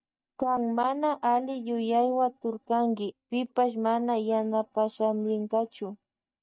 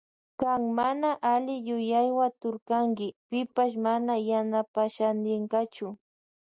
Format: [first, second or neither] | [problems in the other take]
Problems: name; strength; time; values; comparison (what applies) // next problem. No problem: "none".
second | noise reduction (neural mask model DeepFilterNet 3)